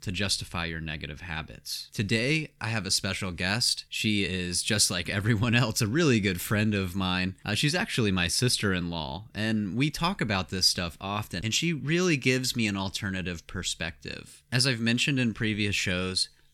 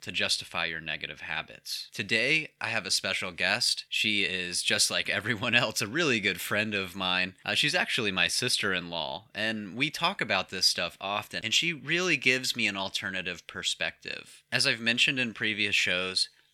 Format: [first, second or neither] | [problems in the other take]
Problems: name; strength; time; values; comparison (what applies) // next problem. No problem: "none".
first | thin; somewhat; fading below 350 Hz